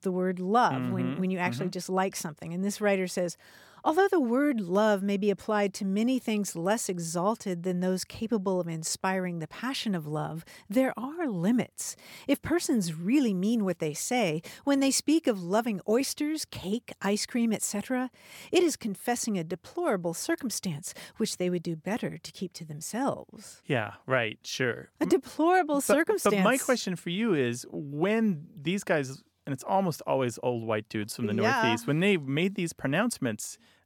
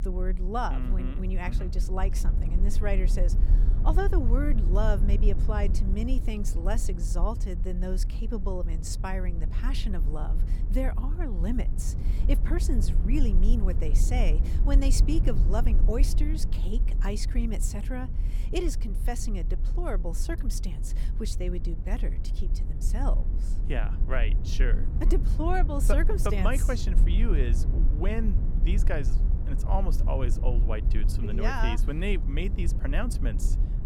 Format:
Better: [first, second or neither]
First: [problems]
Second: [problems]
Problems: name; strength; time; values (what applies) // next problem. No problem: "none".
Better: first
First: none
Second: low rumble; noticeable; throughout; 10 dB below the speech